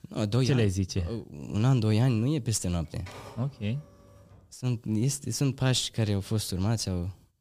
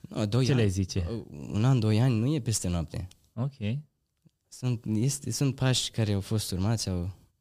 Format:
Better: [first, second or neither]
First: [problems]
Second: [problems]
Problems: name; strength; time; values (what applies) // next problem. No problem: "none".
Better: second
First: keyboard typing; faint; from 3 to 4.5 s; peak 15 dB below the speech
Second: none